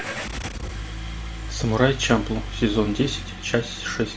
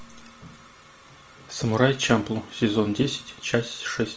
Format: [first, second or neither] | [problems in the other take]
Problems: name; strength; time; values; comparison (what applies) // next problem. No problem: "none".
second | background sound (Engine starting / Car); 7 dB below the speech